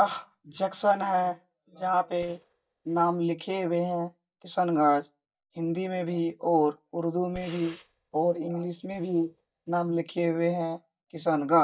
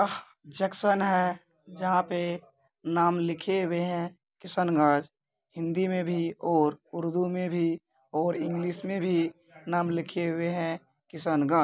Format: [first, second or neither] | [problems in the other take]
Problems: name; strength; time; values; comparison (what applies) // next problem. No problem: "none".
second | noise reduction (neural mask model DeepFilterNet 3)